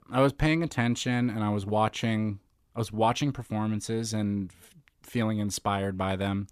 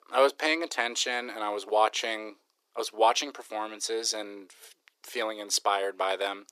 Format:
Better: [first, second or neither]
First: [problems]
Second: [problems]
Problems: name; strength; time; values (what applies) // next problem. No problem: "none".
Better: first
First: none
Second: thin; very; fading below 400 Hz